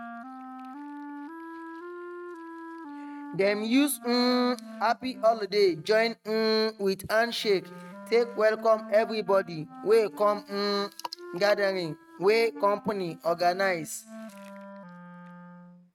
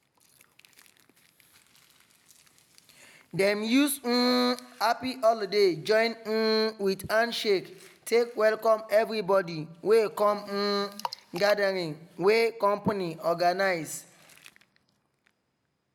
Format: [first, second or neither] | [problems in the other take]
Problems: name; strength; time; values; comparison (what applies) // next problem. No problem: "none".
second | noise reduction (neural mask model RNNoise)